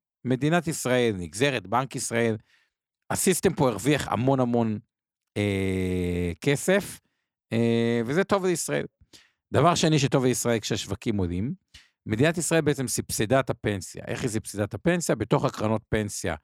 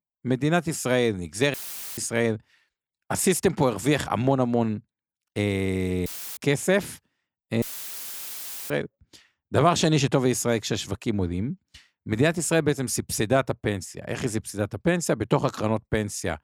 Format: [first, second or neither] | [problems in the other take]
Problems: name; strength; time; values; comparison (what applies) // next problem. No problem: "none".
first | audio cutting out; filled with static; at 1.5 s, at 6 s and at 7.5 s for 1 s